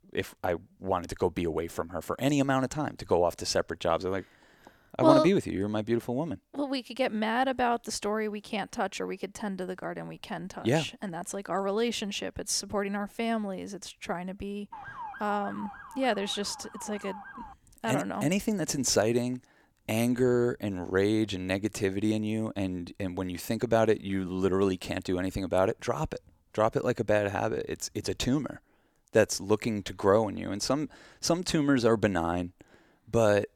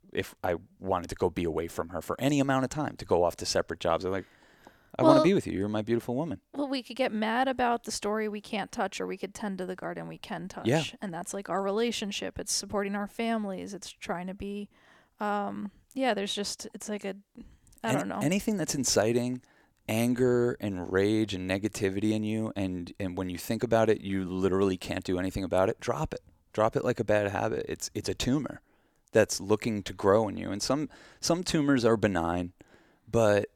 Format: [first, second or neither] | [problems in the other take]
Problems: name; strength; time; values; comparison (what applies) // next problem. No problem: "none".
second | siren; faint; from 15 to 18 s; peak 10 dB below the speech